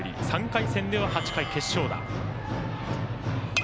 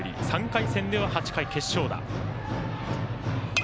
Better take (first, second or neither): second